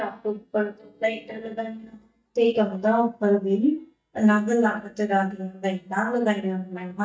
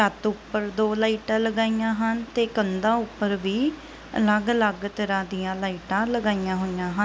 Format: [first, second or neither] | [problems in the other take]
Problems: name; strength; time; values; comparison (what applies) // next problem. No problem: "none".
second | noise reduction (neural mask model DeepFilterNet 3)